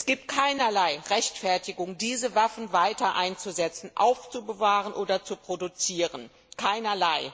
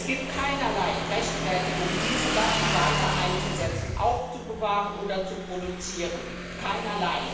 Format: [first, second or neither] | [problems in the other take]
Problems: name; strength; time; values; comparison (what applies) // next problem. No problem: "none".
first | background sound (Motorcycle / Engine); 1 dB below the speech // room echo; dies away in 0.9 s